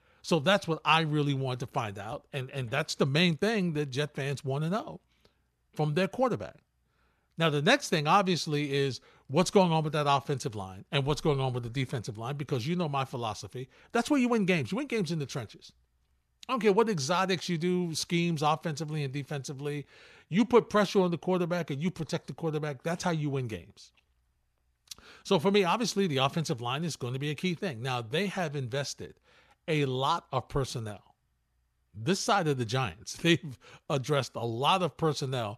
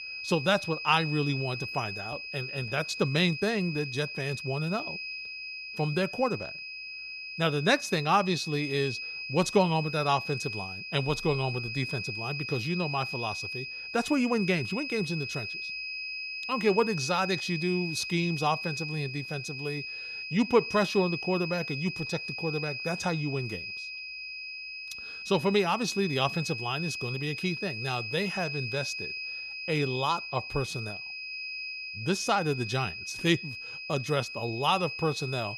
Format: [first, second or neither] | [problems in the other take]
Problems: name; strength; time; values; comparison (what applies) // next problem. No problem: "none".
first | high-pitched whine; loud; throughout; 2.5 kHz, 6 dB below the speech